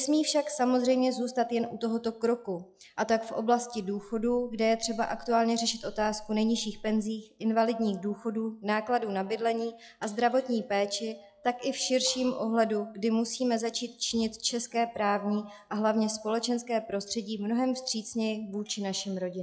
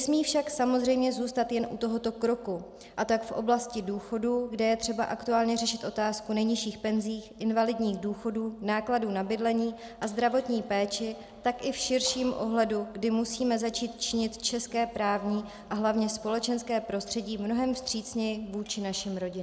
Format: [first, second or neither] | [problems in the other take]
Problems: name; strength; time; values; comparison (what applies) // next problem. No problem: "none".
second | noise reduction (classical method log-MMSE)